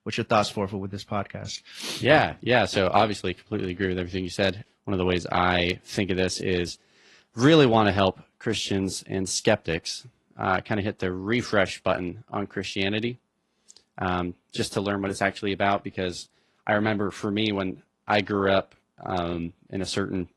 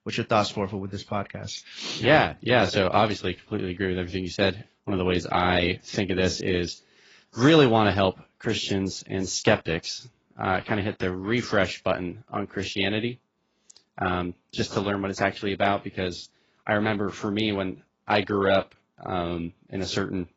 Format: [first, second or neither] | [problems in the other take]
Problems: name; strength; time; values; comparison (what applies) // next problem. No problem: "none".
first | garbled, watery; badly; nothing above 7.5 kHz; slightly in the first